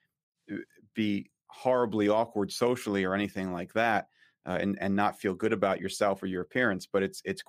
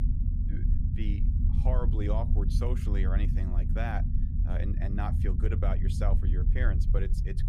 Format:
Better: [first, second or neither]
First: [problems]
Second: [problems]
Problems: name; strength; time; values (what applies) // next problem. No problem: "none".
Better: first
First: none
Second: low rumble; loud; throughout; 6 dB below the speech